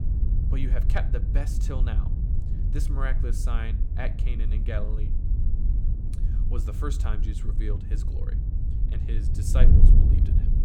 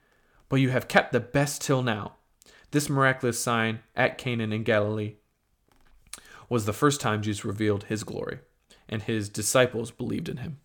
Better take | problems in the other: second | wind noise on the microphone; heavy; 4 dB below the speech

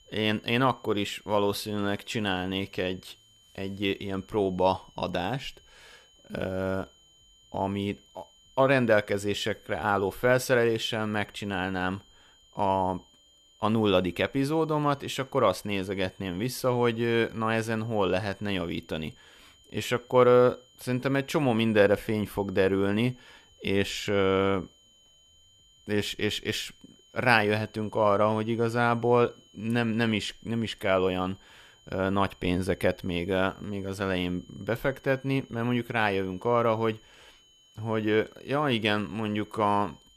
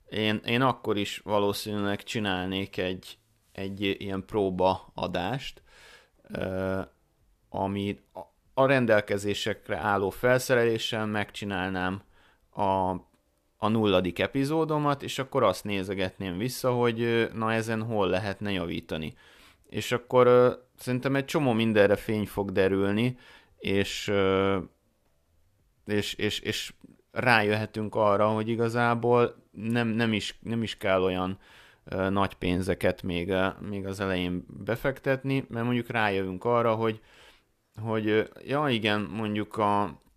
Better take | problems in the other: second | high-pitched whine; faint; throughout; 3 kHz, 30 dB below the speech

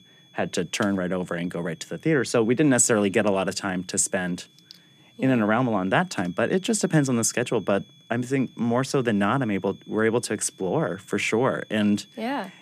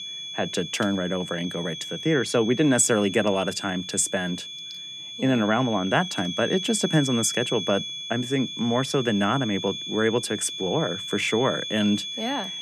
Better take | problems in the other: first | high-pitched whine; loud; throughout; 3.5 kHz, 7 dB below the speech; faint in the first

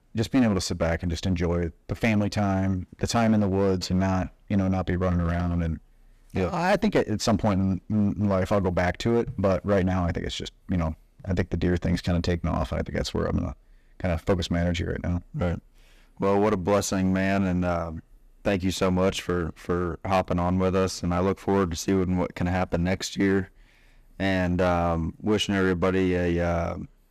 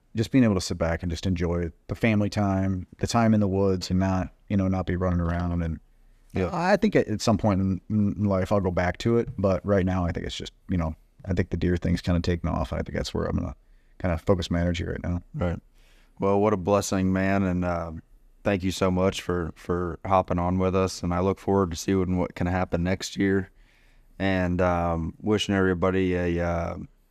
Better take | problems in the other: second | distortion; slight; 7% of the sound clipped

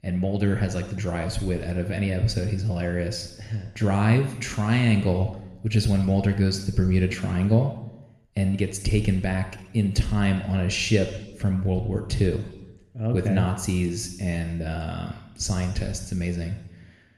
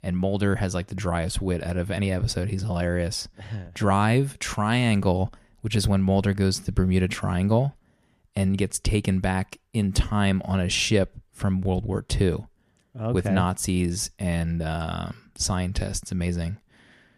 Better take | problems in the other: second | room echo; noticeable; dies away in 0.9 s

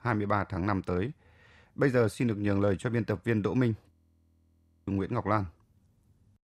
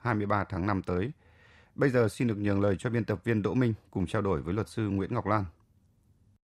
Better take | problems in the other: second | audio freezing; at 4 s for 1 s

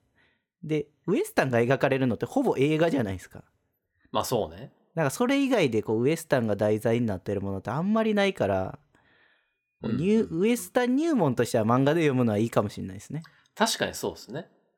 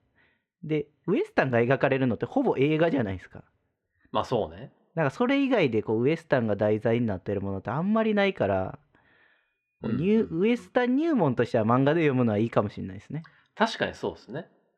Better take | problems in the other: first | muffled; slightly; fading above 2.5 kHz

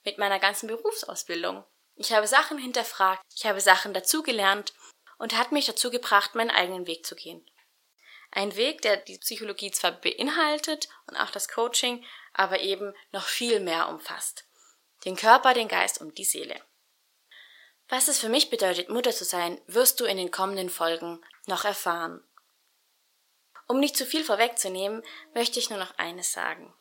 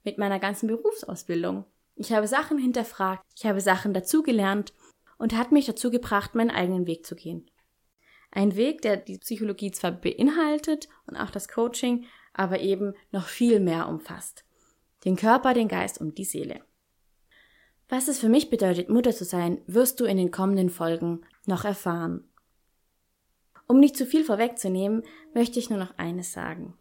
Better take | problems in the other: second | thin; very; fading below 700 Hz

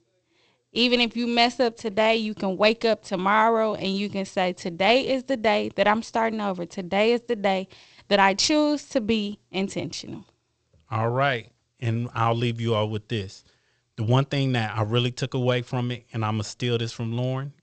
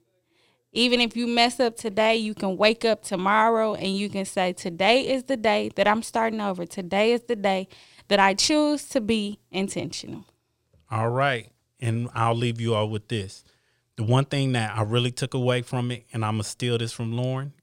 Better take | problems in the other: second | garbled, watery; slightly; nothing above 8 kHz

